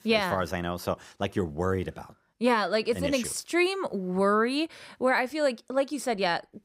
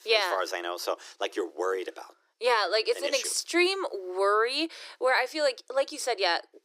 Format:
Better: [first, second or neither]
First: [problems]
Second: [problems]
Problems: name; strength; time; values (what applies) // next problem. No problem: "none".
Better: first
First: none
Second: thin; very; fading below 350 Hz